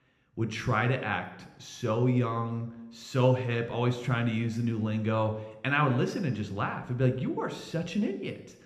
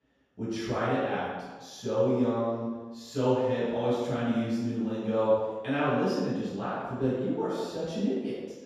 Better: first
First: room echo; slight; dies away in 0.7 s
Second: room echo; strong; dies away in 1.2 s // off-mic speech; far

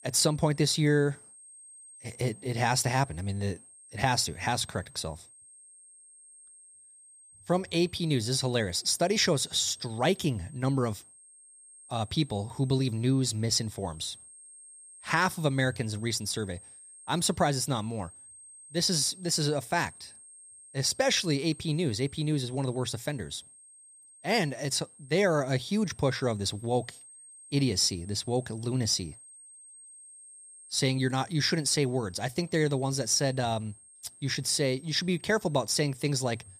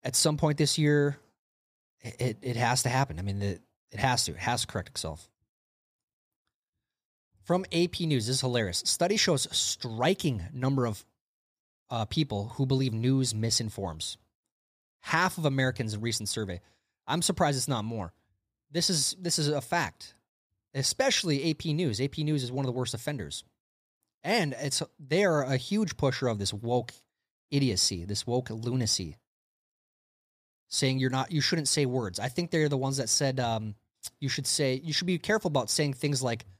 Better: second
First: high-pitched whine; faint; throughout; 8.5 kHz, 20 dB below the speech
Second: none

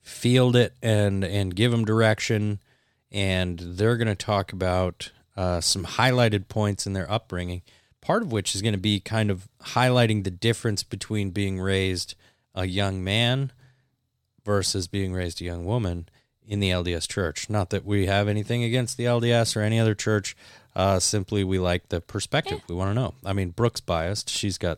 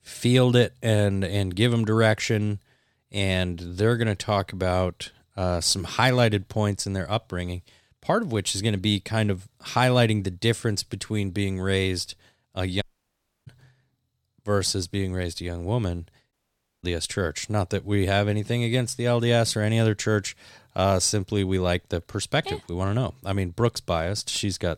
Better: first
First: none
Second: audio cutting out; at 13 s for 0.5 s and at 16 s for 0.5 s

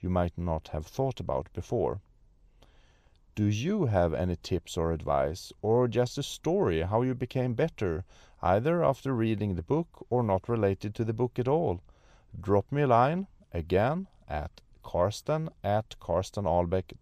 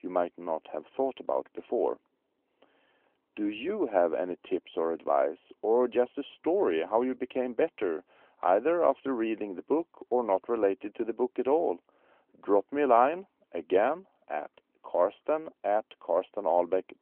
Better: first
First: none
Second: phone-call audio; nothing above 3 kHz

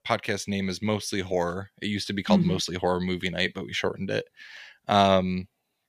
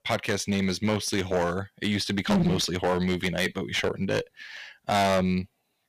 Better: first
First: none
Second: distortion; heavy; 10% of the sound clipped

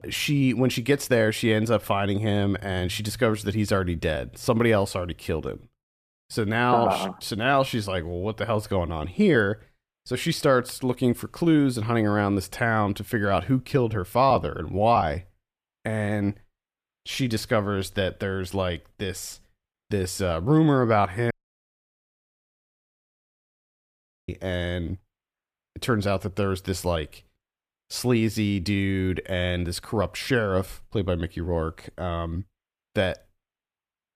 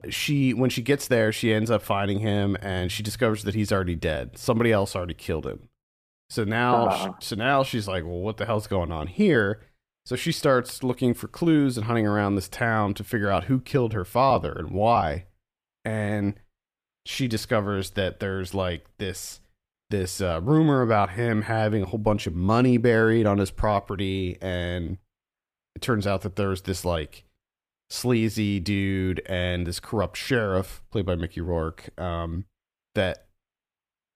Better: second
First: audio cutting out; at 21 s for 3 s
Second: none

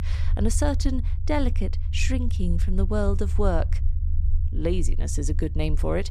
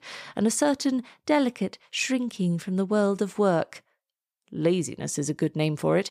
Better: second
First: low rumble; noticeable; throughout; 15 dB below the speech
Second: none

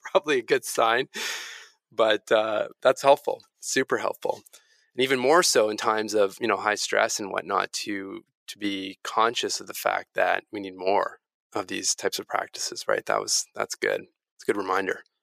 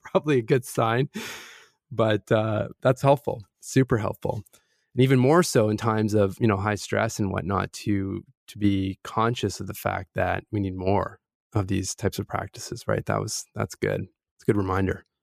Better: second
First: thin; very; fading below 500 Hz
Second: none

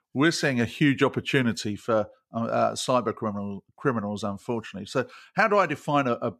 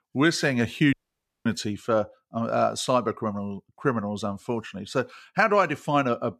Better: first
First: none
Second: audio cutting out; at 1 s for 0.5 s

